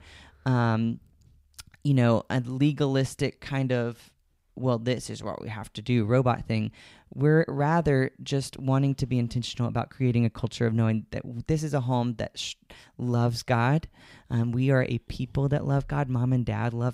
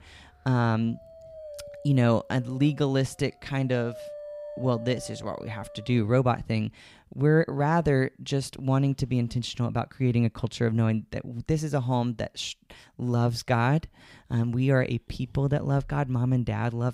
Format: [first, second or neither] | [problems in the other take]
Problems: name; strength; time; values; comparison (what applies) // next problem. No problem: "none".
first | dog barking; faint; from 1 to 6 s; peak 10 dB below the speech